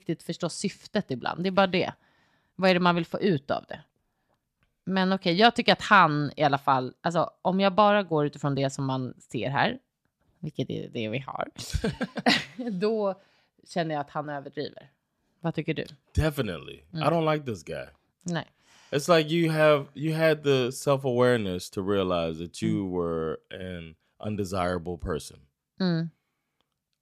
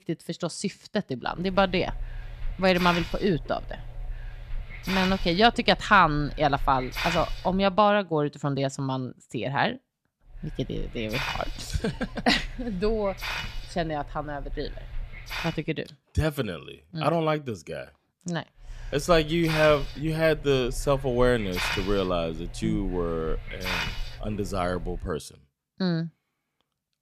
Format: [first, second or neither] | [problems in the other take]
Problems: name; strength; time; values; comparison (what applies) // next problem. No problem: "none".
first | hiss; loud; from 1.5 to 7.5 s, from 10 to 16 s and from 19 to 25 s; 10 dB below the speech